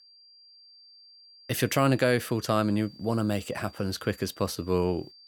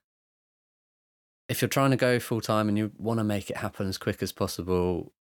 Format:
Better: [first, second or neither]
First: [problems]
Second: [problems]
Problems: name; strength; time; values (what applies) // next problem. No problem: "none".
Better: second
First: high-pitched whine; faint; throughout; 4.5 kHz, 25 dB below the speech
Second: none